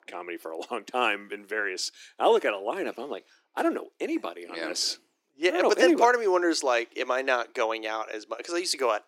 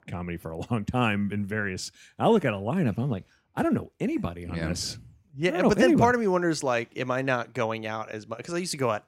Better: second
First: thin; very; fading below 350 Hz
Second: none

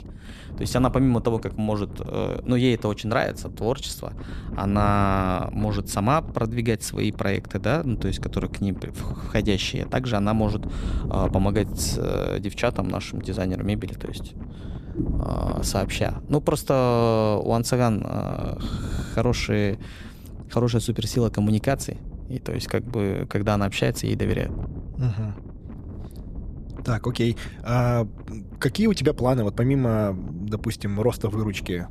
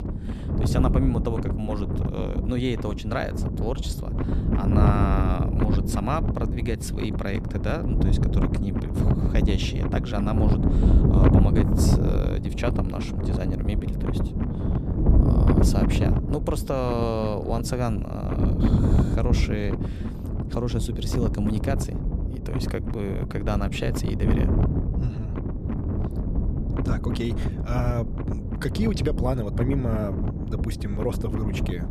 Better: first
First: wind noise on the microphone; occasional gusts; 20 dB below the speech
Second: wind noise on the microphone; heavy; 2 dB below the speech

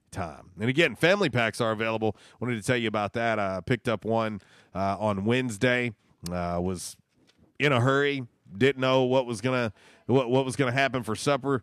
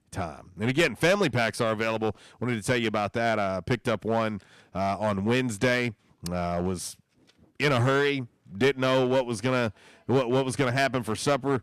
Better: first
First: none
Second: distortion; slight; 4% of the sound clipped

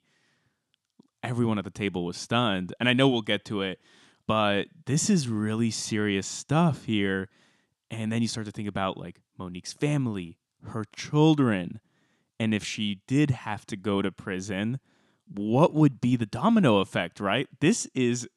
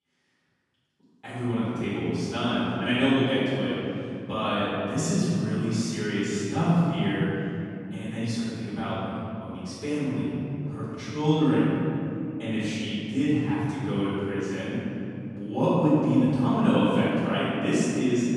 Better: first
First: none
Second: off-mic speech; far // room echo; strong; dies away in 3 s

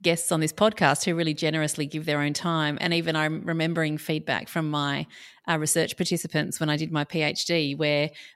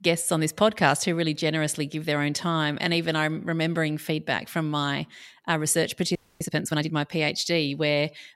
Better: first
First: none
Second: audio freezing; at 6 s

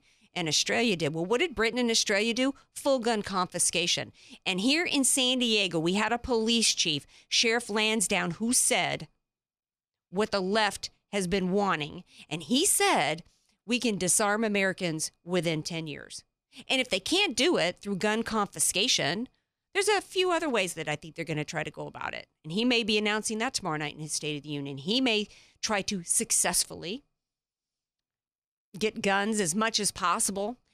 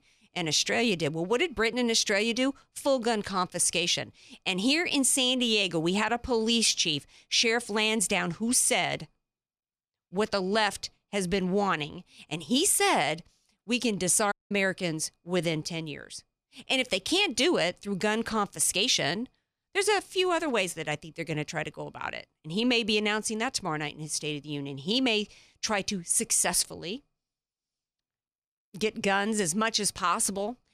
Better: first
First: none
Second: audio cutting out; at 14 s

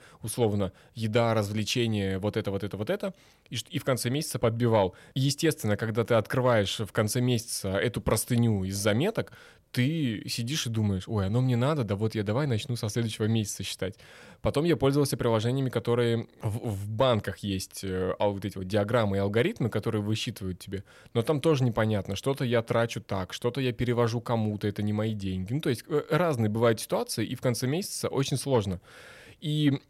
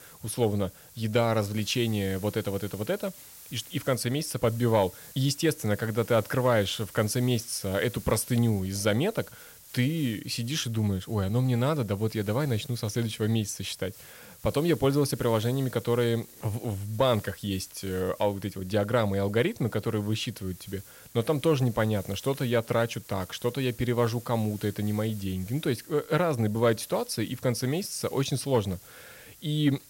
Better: first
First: none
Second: hiss; noticeable; throughout; 20 dB below the speech

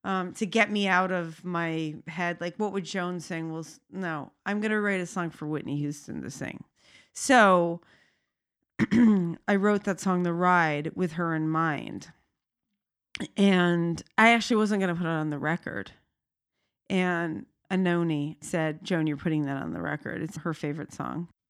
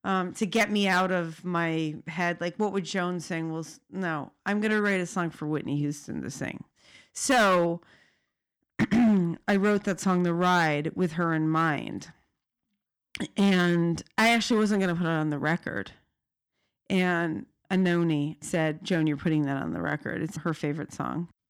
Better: first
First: none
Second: distortion; slight; 4% of the sound clipped

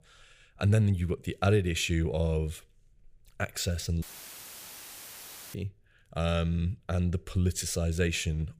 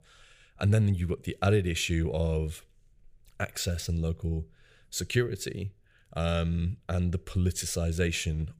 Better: second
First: audio cutting out; filled with static; at 4 s for 1.5 s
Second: none

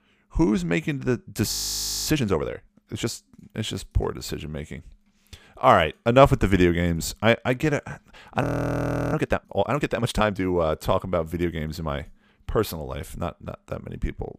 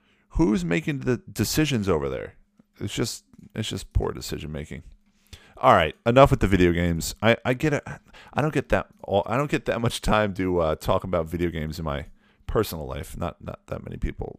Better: second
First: audio freezing; at 1.5 s for 0.5 s and at 8.5 s for 0.5 s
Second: none

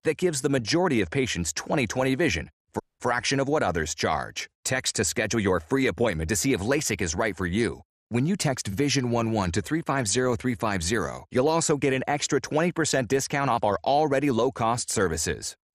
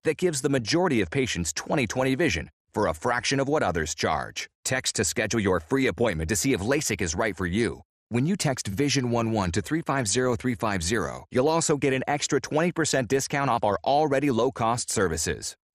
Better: second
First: audio cutting out; at 3 s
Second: none

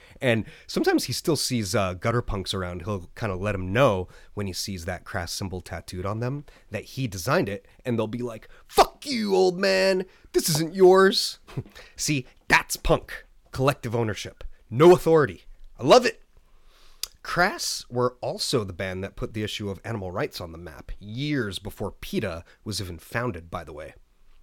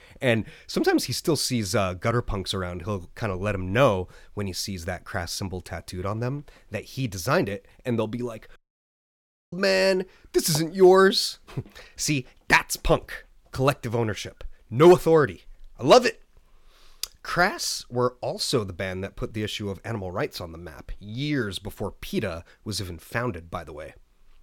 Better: first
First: none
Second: audio cutting out; at 8.5 s for 1 s

